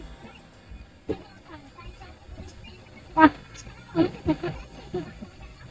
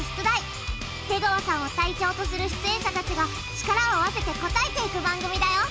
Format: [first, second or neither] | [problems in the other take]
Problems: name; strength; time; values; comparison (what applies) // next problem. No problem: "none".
second | noise reduction (neural mask model DeepFilterNet 3)